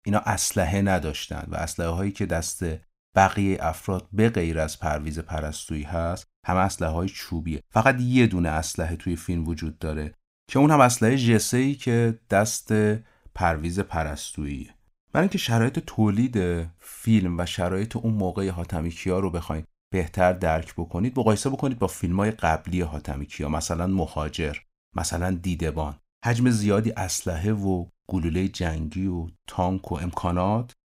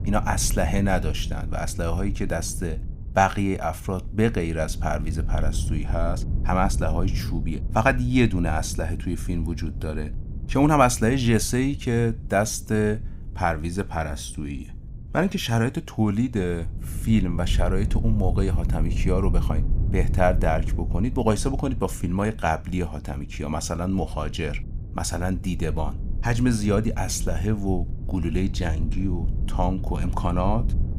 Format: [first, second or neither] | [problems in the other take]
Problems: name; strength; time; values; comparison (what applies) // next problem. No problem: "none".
first | low rumble; noticeable; throughout; 20 dB below the speech